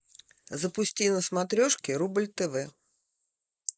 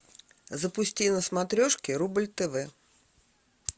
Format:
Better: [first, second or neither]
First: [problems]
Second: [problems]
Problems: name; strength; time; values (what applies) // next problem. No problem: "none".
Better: second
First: noise reduction (neural mask model Resemble Enhance denoiser)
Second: none